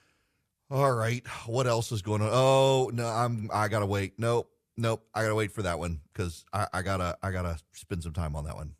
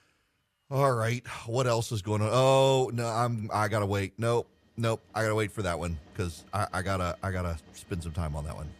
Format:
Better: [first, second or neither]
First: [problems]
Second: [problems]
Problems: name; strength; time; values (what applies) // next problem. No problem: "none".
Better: first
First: none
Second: machinery noise; faint; throughout; 25 dB below the speech